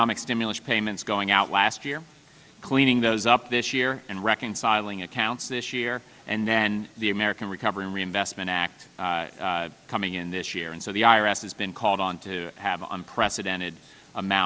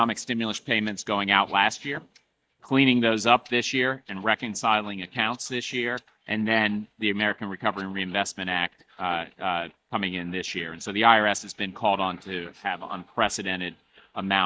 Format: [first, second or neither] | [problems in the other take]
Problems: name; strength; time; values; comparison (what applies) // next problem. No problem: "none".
first | noise reduction (neural mask model DeepFilterNet 3)